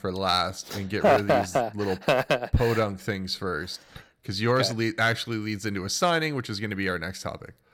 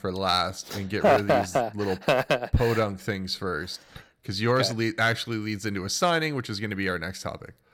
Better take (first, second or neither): neither